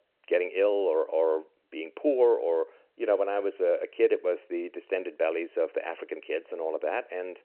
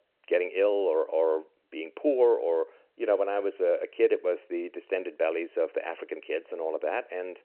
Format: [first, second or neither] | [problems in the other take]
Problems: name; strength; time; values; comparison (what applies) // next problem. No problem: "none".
neither | phone-call audio; the same in both